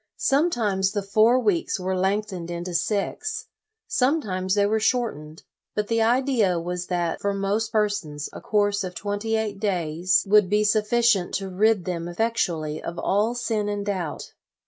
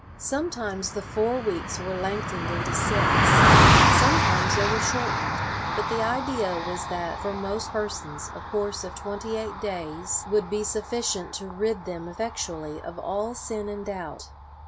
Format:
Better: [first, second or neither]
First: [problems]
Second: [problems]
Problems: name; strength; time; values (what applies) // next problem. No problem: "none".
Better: first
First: none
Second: background sound (Car passing by); 4 dB above the speech